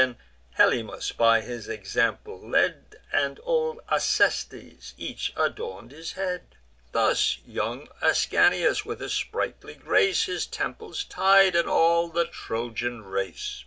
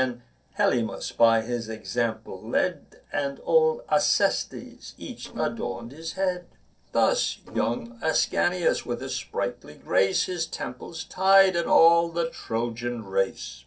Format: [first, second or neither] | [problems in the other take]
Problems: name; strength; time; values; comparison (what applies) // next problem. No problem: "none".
first | noise reduction (neural separator model SepFormer DNS4)